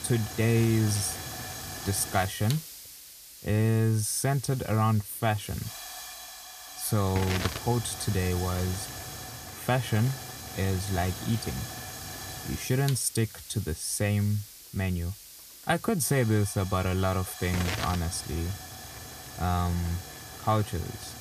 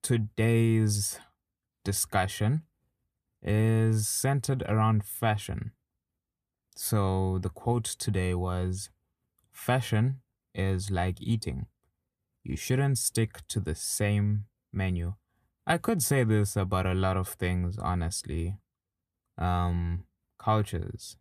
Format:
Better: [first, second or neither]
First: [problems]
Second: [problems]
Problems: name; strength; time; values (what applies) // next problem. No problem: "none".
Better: second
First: hiss; loud; throughout; 10 dB below the speech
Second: none